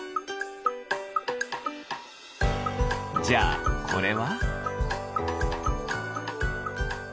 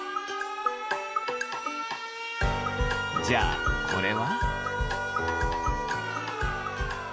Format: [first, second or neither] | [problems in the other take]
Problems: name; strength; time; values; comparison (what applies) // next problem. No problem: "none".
first | background sound (Alarm); 3 dB below the speech